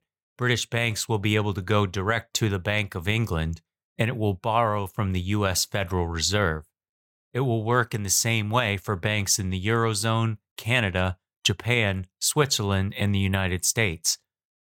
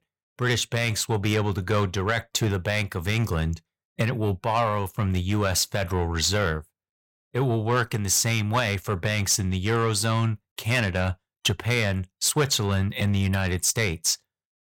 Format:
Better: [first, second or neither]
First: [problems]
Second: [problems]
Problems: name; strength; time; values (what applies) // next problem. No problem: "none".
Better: first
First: none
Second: distortion; slight; 10 dB below the speech